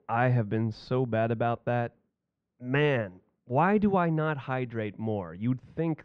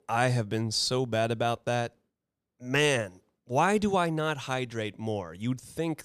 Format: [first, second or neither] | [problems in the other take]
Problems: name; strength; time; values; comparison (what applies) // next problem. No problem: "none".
second | muffled; very; fading above 2 kHz